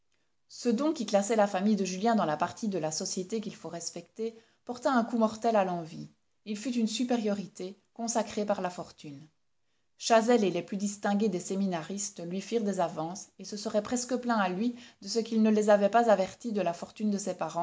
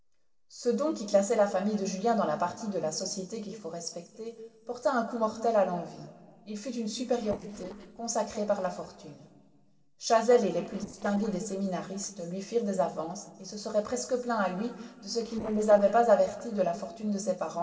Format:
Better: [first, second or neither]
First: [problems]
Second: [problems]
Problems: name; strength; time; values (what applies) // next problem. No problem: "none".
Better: first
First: none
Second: noise reduction (neural separator model SepFormer DNS4)